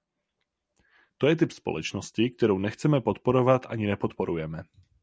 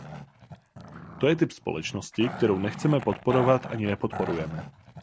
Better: first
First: none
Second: background sound (Growling); 11 dB below the speech

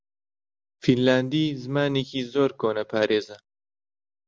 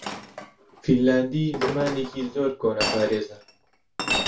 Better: first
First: none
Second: background sound (Chink, clink); 6 dB below the speech // room echo; dies away in 0.2 s

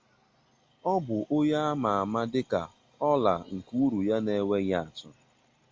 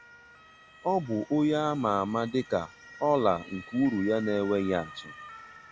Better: first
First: none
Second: background sound (Motor vehicle (road) / Siren); 18 dB below the speech

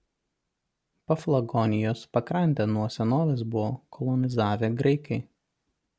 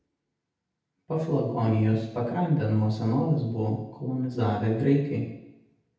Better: first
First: none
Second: room echo; dies away in 0.8 s

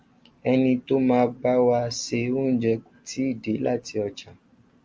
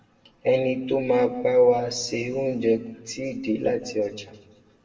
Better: first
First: none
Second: room echo; dies away in 1 s

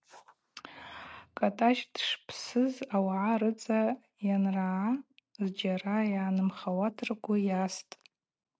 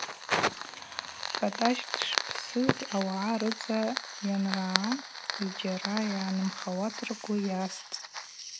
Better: first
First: none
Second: background sound (Fire); 3 dB below the speech

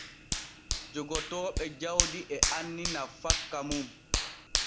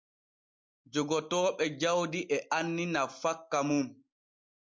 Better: second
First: background sound (Hands); 4 dB above the speech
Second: none

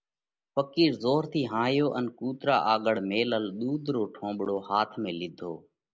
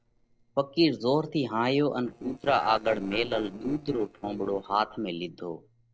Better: first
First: none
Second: noise reduction (neural separator model SepFormer DNS4)

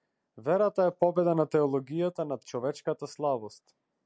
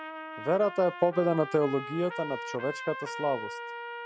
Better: first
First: none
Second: background sound (Trumpet); 10 dB below the speech

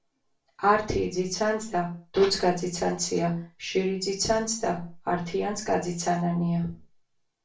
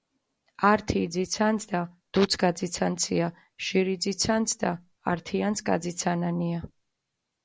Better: second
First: room echo; dies away in 0.3 s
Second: none

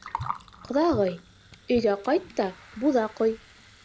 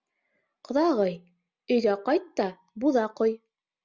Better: second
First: background sound (Gurgling); 14 dB below the speech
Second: none

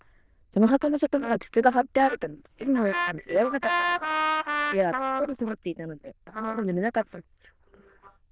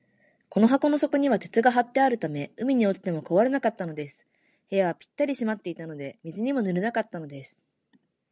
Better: second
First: noise reduction (neural diffusion model UNIVERSE++)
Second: none

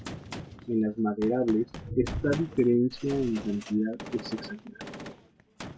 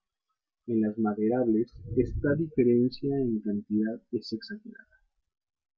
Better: second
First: background sound (Gunshot, gunfire); 14 dB below the speech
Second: none

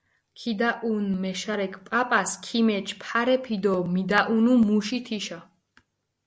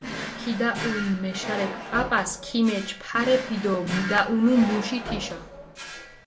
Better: first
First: none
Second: background sound (Drawer open or close); 9 dB below the speech // room echo; dies away in 0.2 s

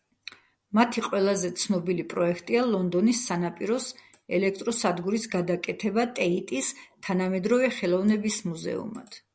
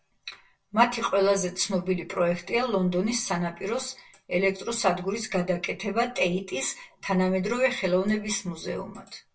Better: first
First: none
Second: room echo; dies away in 0.1 s

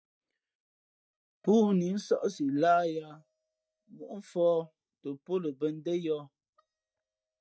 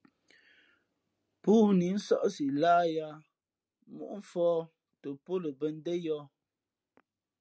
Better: second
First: noise reduction (neural mask model DeepFilterNet 3)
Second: none

